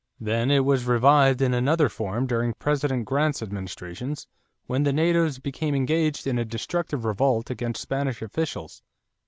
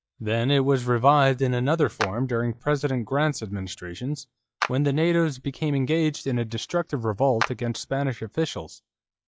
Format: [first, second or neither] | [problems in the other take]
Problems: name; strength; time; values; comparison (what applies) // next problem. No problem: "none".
first | noise reduction (classical method log-MMSE)